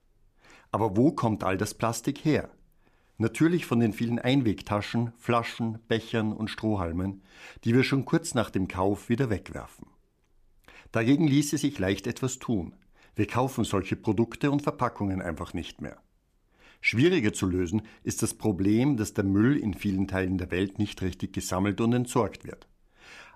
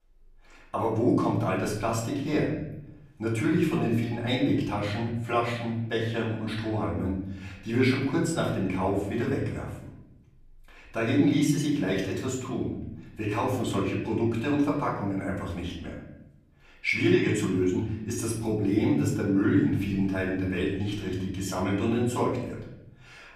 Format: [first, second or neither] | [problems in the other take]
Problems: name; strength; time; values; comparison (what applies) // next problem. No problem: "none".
first | off-mic speech; far // room echo; noticeable; dies away in 0.9 s